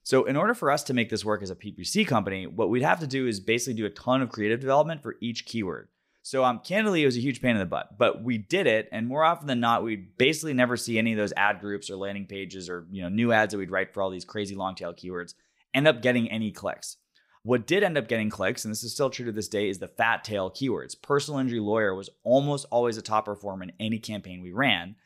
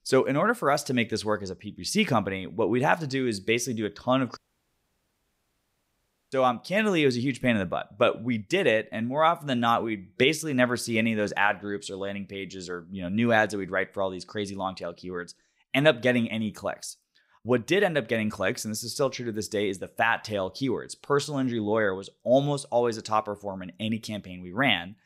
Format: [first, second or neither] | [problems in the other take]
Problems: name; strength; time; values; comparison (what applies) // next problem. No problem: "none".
first | audio cutting out; at 4.5 s for 2 s